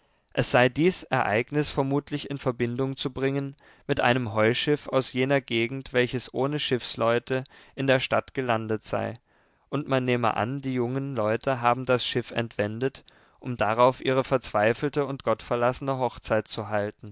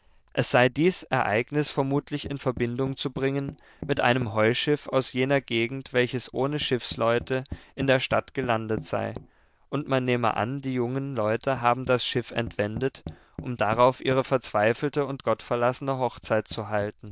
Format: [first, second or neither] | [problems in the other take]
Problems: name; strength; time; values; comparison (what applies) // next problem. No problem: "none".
first | noise reduction (neural diffusion model UNIVERSE++)